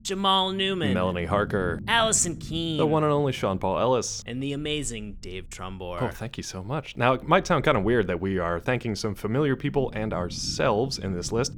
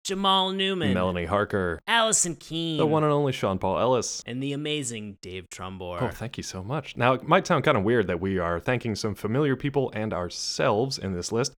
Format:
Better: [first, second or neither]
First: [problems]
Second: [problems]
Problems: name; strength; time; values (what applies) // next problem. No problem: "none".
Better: second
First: low rumble; faint; throughout; 25 dB below the speech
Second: none